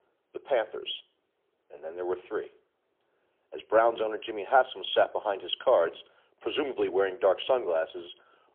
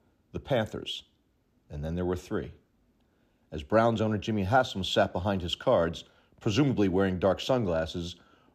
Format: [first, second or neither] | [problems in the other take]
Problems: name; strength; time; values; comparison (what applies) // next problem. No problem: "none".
second | phone-call audio; poor line; nothing above 3.5 kHz